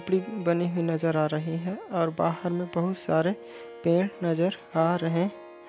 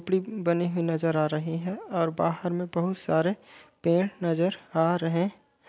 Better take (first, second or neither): second